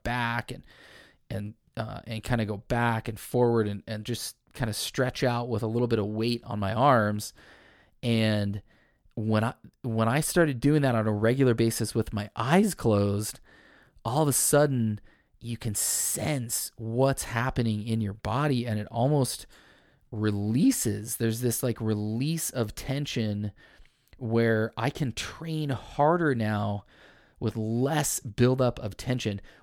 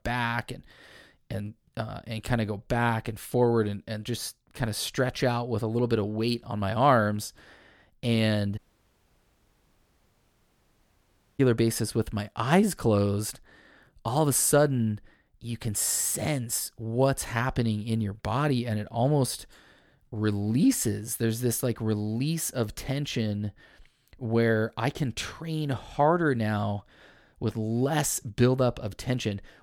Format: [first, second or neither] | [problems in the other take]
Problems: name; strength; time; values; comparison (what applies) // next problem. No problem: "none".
first | audio cutting out; at 8.5 s for 3 s